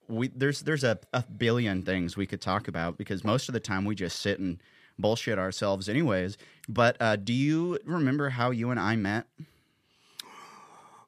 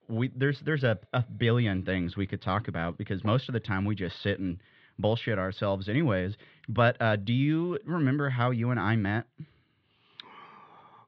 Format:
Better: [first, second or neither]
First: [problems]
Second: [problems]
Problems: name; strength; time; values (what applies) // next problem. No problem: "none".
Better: first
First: none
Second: muffled; slightly; fading above 3.5 kHz